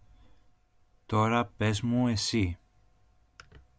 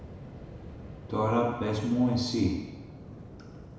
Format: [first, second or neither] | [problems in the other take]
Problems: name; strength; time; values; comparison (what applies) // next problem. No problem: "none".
first | background sound (Waves, surf); 14 dB below the speech // room echo; dies away in 1 s